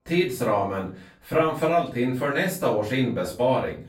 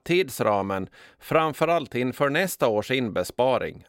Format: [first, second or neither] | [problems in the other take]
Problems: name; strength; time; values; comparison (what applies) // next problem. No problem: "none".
second | off-mic speech; far // room echo; slight; dies away in 0.3 s